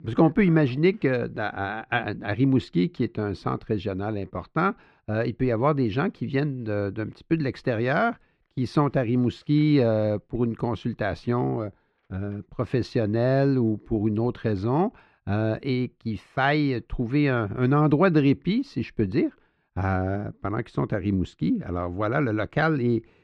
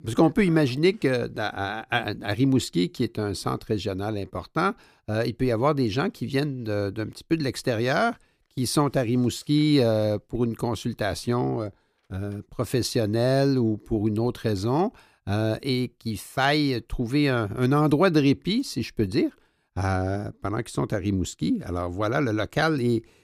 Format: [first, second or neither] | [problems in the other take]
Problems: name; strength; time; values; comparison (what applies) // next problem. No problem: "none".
second | muffled; slightly; fading above 2.5 kHz